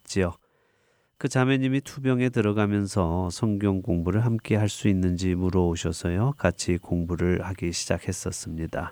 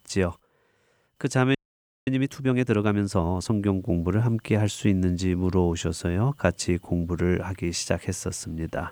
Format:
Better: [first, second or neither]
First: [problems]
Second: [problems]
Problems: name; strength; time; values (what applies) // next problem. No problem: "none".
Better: first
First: none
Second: audio freezing; at 1.5 s for 0.5 s